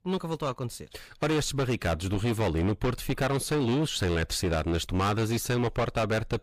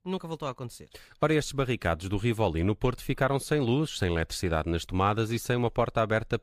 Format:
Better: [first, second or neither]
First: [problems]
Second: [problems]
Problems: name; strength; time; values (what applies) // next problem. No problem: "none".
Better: second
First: distortion; heavy; 6 dB below the speech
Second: none